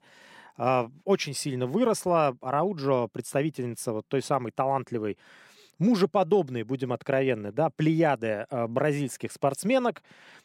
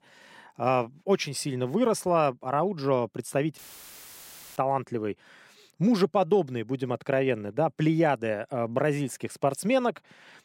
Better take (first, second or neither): first